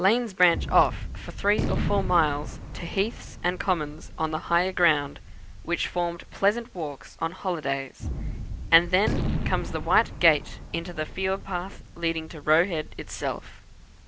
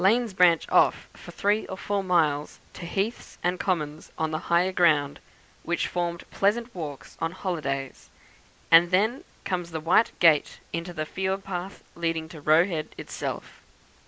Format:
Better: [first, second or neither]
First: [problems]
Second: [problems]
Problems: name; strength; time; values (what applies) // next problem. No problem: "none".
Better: second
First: background sound (Gunshot, gunfire); 7 dB below the speech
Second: none